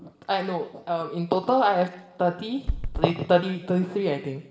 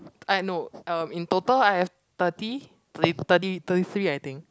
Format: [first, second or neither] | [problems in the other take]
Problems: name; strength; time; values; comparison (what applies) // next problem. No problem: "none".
second | background sound (Run); 3 dB below the speech // room echo; dies away in 0.9 s